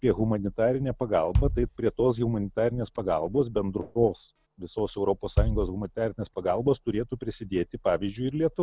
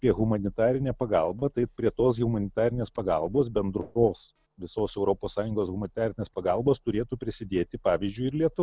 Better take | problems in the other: second | background sound (Bass drum); 5 dB below the speech

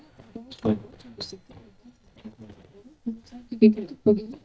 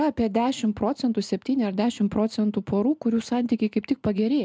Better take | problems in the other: second | noise reduction (neural mask model DeepFilterNet 3)

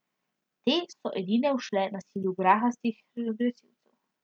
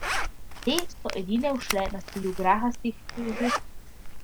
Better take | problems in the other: first | background sound (Zipper (clothing)); 3 dB below the speech

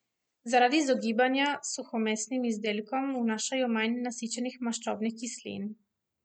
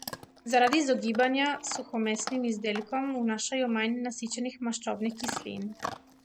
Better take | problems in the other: first | background sound (Chewing, mastication / Dog); 13 dB below the speech

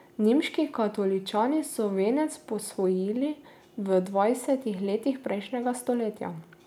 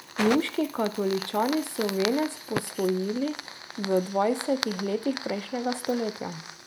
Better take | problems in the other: first | background sound (Fire); 9 dB below the speech

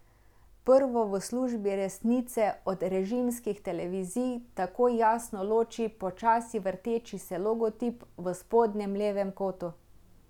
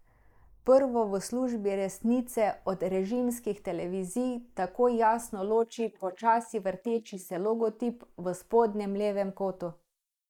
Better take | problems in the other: first | noise reduction (neural mask model Resemble Enhance denoiser)

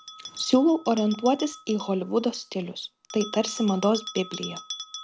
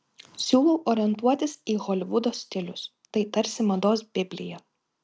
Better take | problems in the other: second | background sound (Bell); 15 dB below the speech

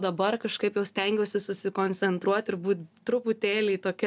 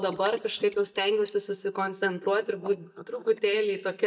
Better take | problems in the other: first | noise reduction (neural mask model DeepFilterNet 3)

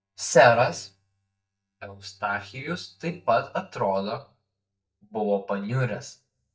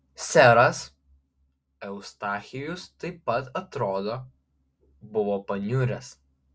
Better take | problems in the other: second | noise reduction (neural mask model DeepFilterNet 3)

